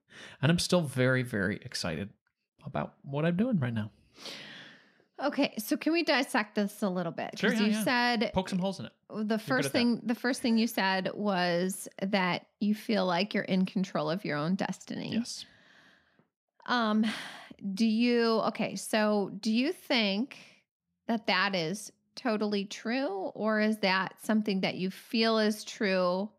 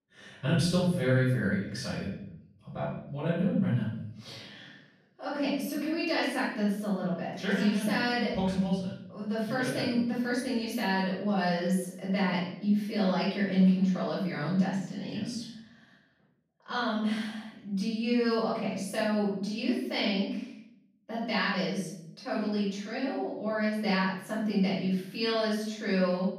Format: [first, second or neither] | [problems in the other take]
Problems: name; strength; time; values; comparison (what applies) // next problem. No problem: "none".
first | off-mic speech; far // room echo; noticeable; dies away in 0.7 s